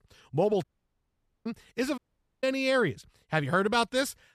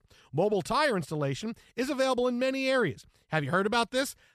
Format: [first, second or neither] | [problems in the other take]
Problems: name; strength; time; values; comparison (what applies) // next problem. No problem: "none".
second | audio cutting out; at 0.5 s for 1 s and at 2 s